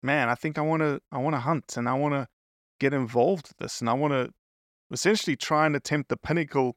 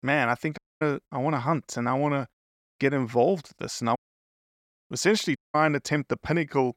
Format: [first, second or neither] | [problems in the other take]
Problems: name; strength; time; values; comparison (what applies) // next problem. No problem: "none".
first | audio cutting out; at 0.5 s, at 4 s for 0.5 s and at 5.5 s